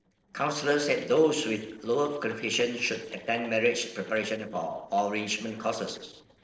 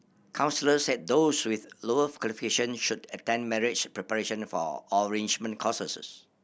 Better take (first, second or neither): second